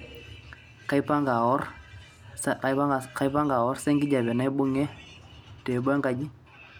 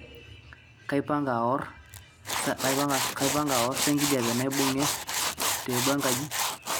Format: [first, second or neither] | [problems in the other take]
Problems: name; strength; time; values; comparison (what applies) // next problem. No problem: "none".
first | background sound (Tools); 2 dB below the speech